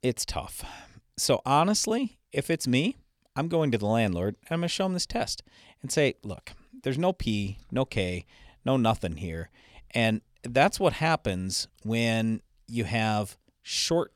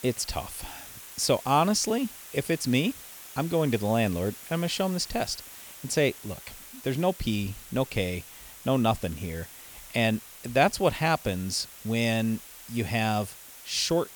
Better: first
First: none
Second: hiss; noticeable; throughout; 15 dB below the speech

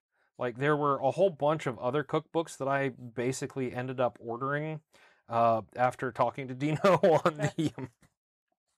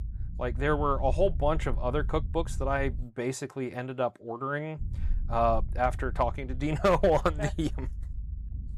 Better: first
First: none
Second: low rumble; faint; until 3 s and from 5 s on; 25 dB below the speech

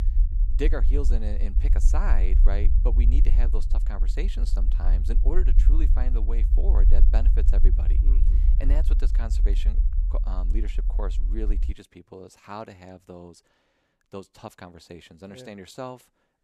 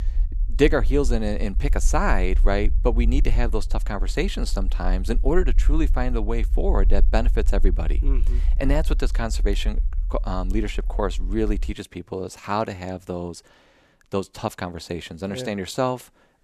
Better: second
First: low rumble; loud; until 12 s; 8 dB below the speech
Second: low rumble; faint; until 12 s; 20 dB below the speech

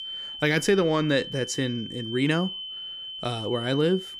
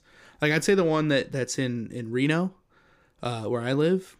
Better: second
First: high-pitched whine; loud; throughout; 3 kHz, 9 dB below the speech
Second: none

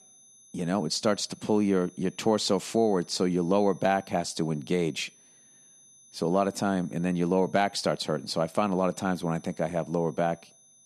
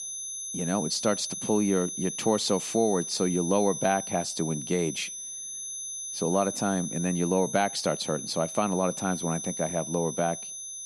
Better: first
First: high-pitched whine; faint; throughout; 6 kHz, 25 dB below the speech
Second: high-pitched whine; loud; throughout; 6 kHz, 6 dB below the speech

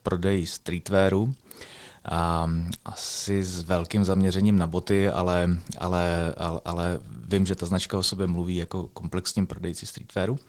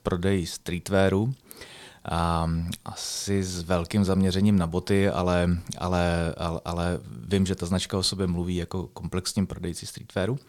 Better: second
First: garbled, watery; slightly; nothing above 15.5 kHz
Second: none

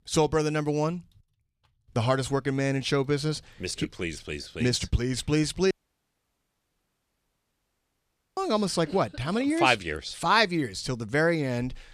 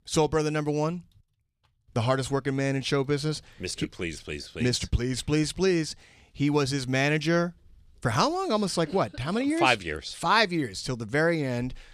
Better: second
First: audio cutting out; at 5.5 s for 2.5 s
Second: none

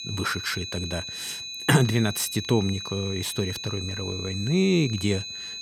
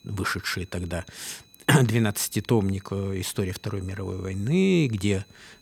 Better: second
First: high-pitched whine; loud; throughout; 4 kHz, 7 dB below the speech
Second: high-pitched whine; faint; throughout; 4 kHz, 30 dB below the speech

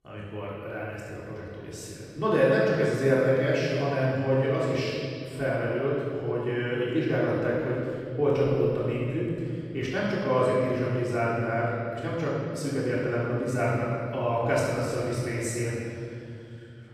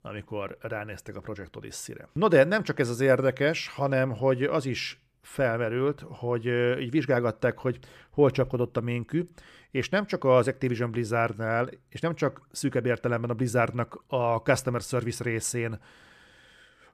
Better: second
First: off-mic speech; far // room echo; strong; dies away in 2.6 s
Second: none

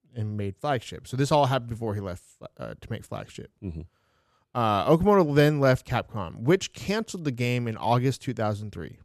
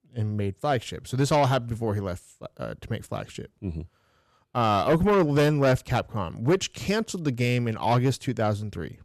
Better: first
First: none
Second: distortion; slight; 10 dB below the speech

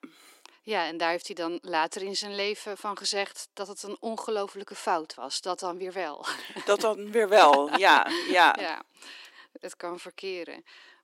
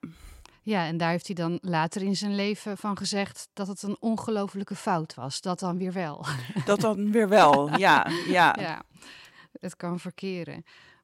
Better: second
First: thin; somewhat; fading below 300 Hz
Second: none

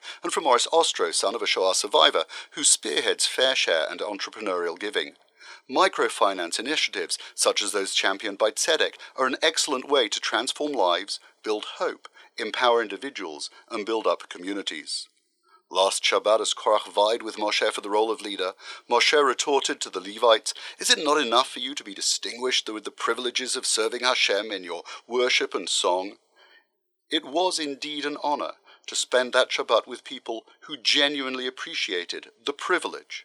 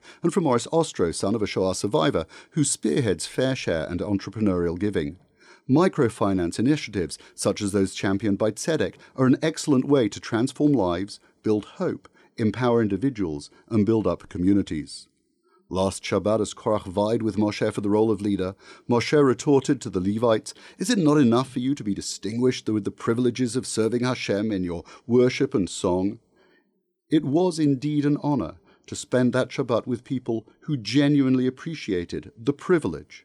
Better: second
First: thin; very; fading below 600 Hz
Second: none

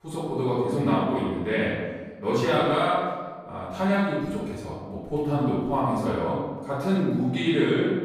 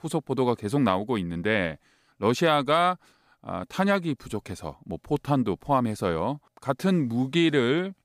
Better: second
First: off-mic speech; far // room echo; strong; dies away in 1.3 s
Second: none

